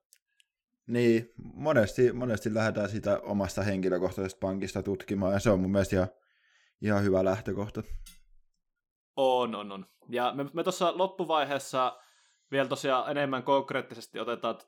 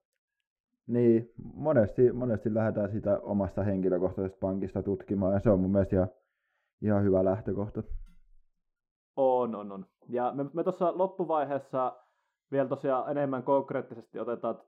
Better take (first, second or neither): first